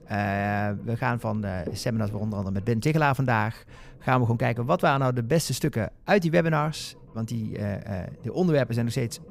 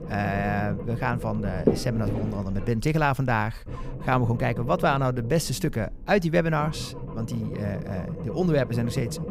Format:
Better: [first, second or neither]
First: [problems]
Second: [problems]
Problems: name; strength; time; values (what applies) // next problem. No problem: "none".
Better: first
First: low rumble; faint; throughout; 25 dB below the speech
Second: low rumble; loud; throughout; 10 dB below the speech